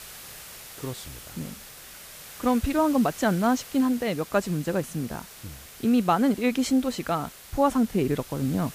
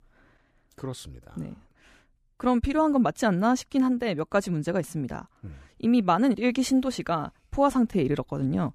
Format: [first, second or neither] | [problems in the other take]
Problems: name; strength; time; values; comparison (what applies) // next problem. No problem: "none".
second | hiss; noticeable; throughout; 15 dB below the speech